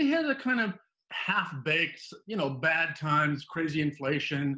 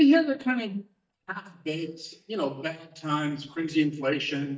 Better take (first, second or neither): first